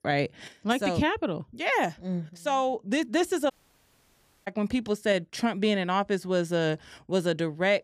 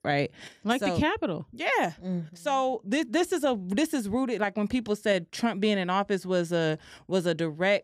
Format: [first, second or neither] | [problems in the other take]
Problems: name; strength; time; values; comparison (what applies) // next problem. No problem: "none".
second | audio cutting out; at 3.5 s for 1 s